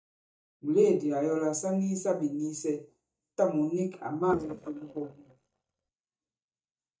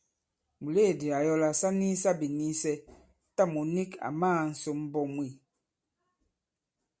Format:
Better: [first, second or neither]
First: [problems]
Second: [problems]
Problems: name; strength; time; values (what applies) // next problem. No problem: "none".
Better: second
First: noise reduction (neural mask model DeepFilterNet 3)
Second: none